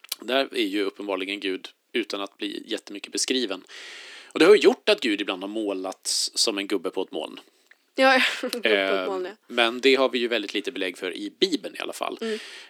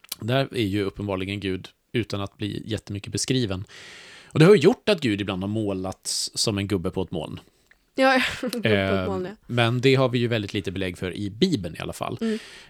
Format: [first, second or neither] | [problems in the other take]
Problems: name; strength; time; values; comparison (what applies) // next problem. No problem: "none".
second | thin; somewhat; fading below 250 Hz